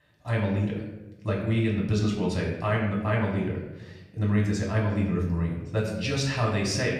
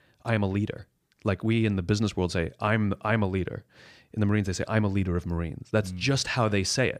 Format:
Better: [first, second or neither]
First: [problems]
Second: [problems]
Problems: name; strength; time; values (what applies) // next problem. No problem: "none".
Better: second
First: off-mic speech; far // room echo; noticeable; dies away in 0.8 s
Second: none